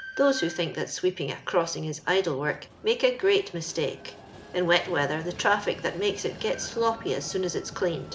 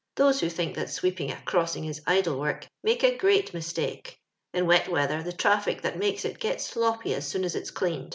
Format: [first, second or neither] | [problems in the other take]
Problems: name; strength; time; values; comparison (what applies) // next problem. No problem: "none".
second | background sound (Train); 17 dB below the speech